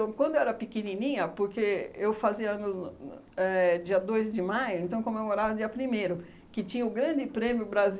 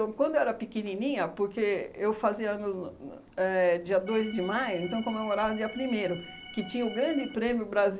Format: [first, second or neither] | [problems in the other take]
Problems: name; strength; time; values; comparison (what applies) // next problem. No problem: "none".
first | background sound (Organ); 16 dB below the speech